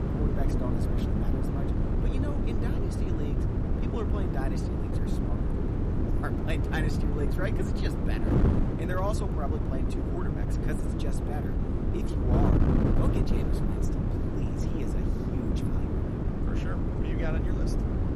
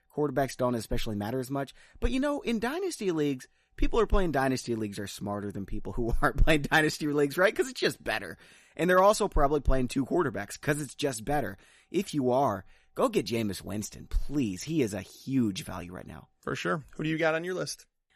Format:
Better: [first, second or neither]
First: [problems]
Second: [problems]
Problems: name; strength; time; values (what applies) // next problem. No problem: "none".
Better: second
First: wind noise on the microphone; heavy; 3 dB above the speech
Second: none